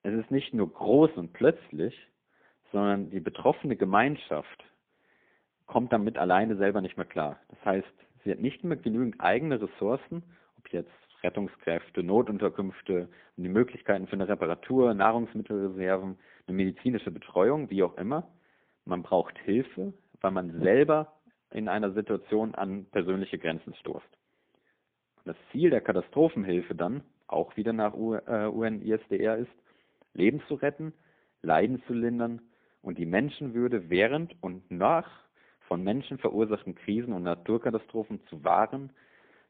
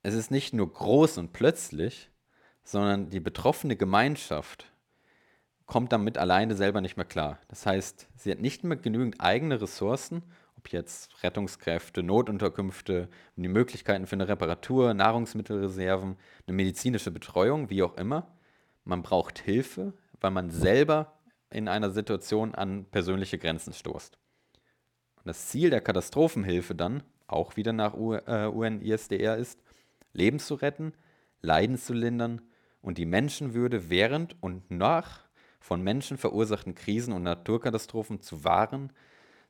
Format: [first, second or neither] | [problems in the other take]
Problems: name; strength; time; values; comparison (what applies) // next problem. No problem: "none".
second | phone-call audio; poor line; nothing above 3.5 kHz